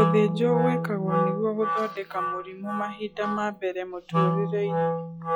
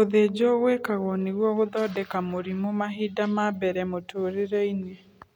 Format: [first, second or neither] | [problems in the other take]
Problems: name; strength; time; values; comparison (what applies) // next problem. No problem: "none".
second | noise reduction (classical method log-MMSE)